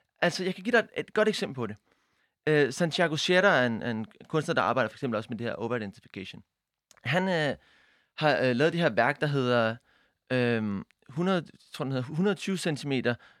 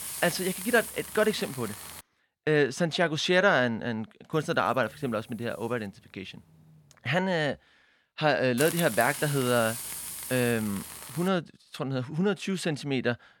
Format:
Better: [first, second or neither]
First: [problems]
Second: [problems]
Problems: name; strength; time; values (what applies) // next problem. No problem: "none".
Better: first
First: none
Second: hiss; loud; until 2 s, from 4.5 to 7 s and from 8.5 to 11 s; 8 dB below the speech